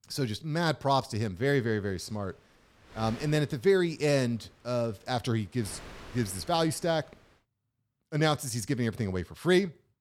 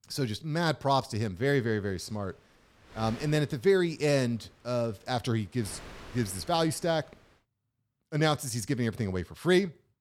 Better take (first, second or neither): neither